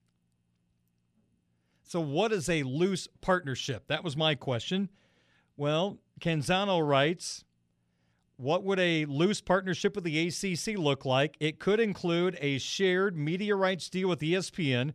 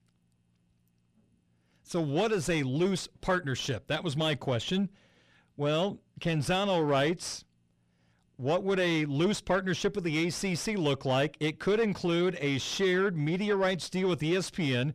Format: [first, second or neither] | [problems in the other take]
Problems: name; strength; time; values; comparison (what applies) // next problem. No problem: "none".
first | distortion; slight; 10 dB below the speech